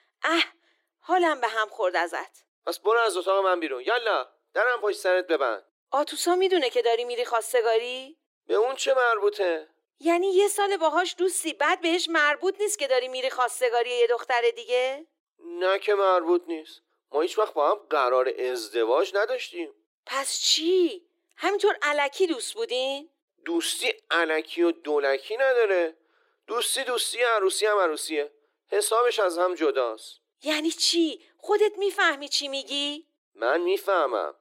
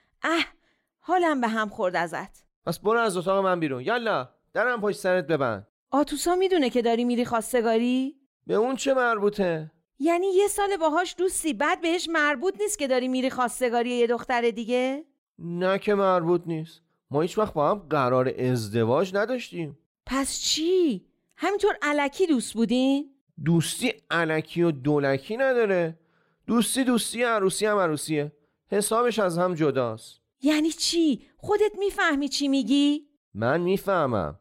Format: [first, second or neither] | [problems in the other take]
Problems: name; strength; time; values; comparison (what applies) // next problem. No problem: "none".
second | thin; very; fading below 350 Hz